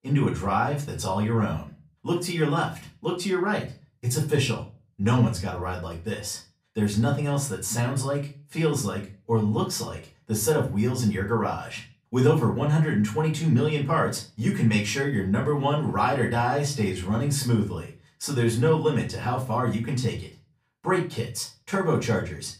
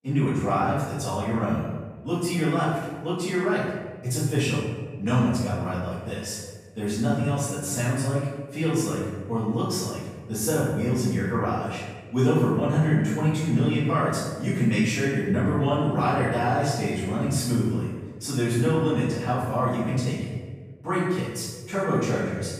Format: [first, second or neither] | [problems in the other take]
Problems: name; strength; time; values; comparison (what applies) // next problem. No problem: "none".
first | room echo; strong; dies away in 1.3 s; slight in the first // off-mic speech; far; far in the first